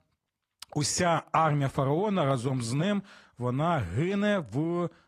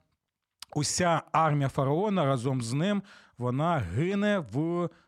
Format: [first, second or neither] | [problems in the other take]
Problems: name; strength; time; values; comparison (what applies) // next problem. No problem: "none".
second | garbled, watery; slightly